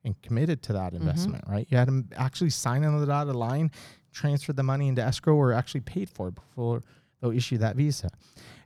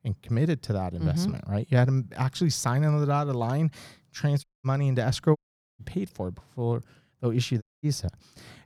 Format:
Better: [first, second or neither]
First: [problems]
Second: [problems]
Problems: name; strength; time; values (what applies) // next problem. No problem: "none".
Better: first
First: none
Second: audio cutting out; at 4.5 s, at 5.5 s and at 7.5 s